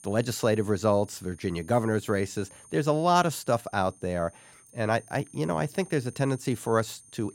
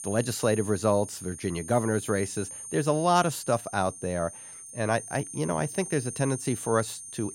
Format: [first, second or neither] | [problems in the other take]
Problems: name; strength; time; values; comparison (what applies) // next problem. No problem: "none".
first | high-pitched whine; loud; throughout; 9 kHz, 10 dB below the speech; faint in the first